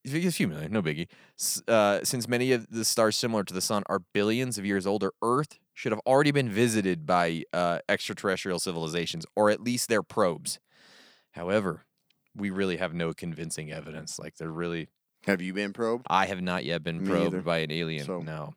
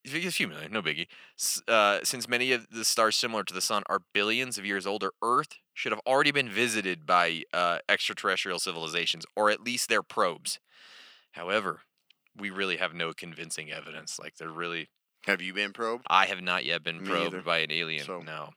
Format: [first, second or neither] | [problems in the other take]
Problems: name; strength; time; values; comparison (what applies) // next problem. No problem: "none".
first | thin; somewhat; fading below 450 Hz